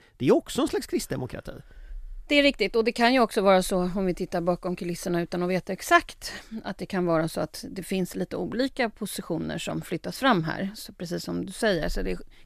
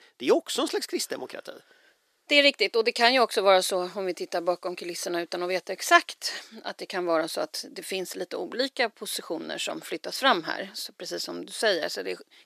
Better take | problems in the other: first | thin; somewhat; fading below 350 Hz

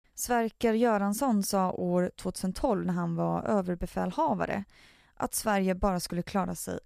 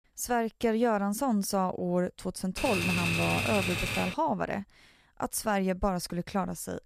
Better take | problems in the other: first | keyboard typing; loud; from 2.5 to 4 s; peak 2 dB above the speech

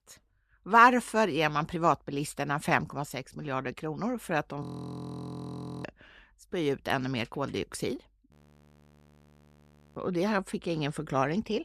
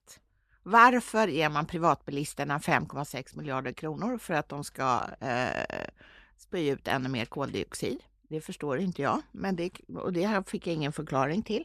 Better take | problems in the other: second | audio freezing; at 4.5 s for 1 s and at 8.5 s for 1.5 s

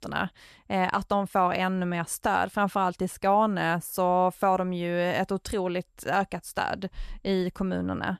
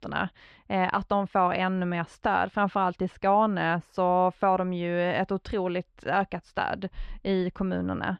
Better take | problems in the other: first | muffled; slightly; fading above 3.5 kHz

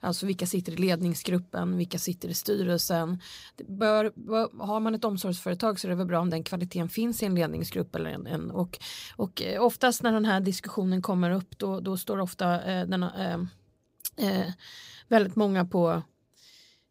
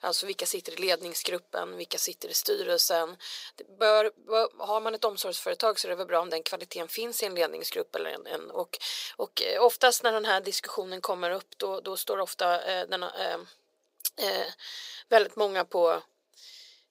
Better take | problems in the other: first | thin; very; fading below 450 Hz

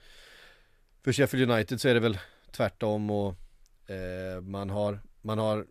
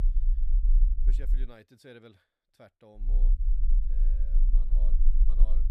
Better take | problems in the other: first | low rumble; loud; until 1.5 s and from 3 s on; 1 dB below the speech

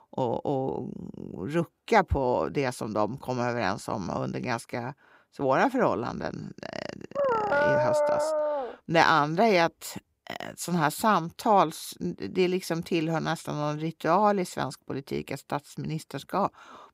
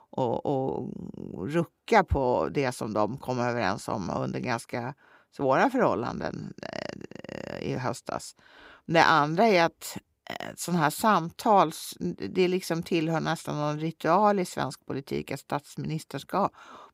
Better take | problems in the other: second | dog barking; loud; from 7 to 8.5 s; peak 4 dB above the speech

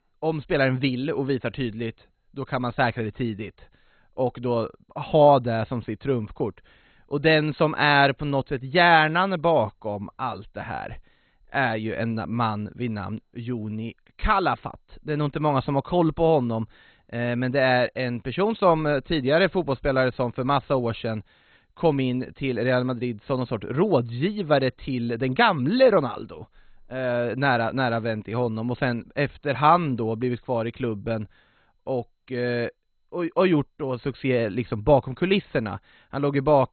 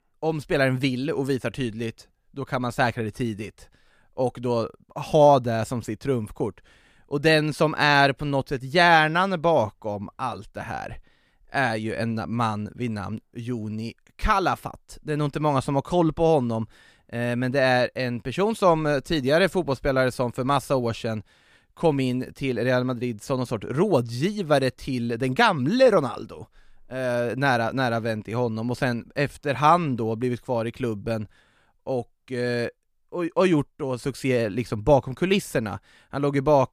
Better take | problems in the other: second | garbled, watery; badly; nothing above 4 kHz

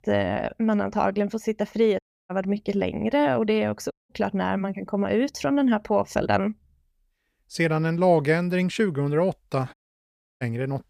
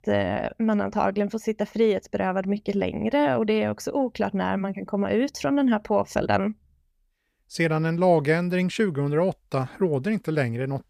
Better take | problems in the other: second | audio cutting out; at 2 s, at 4 s and at 9.5 s for 0.5 s

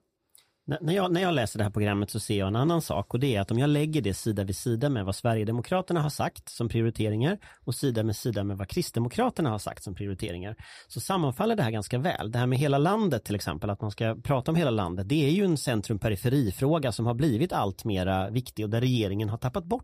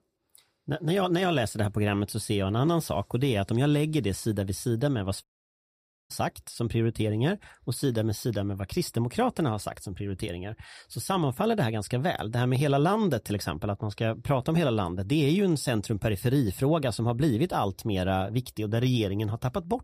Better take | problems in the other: first | audio cutting out; at 5 s for 1 s

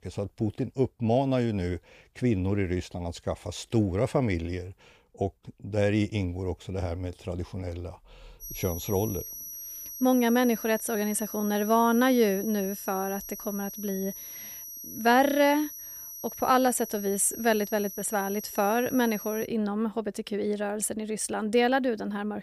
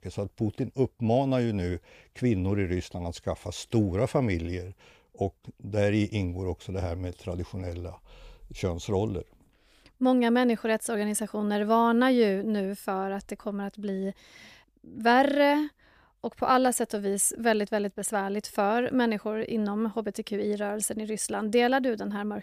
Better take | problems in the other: second | high-pitched whine; noticeable; from 8.5 to 19 s; 6 kHz, 10 dB below the speech

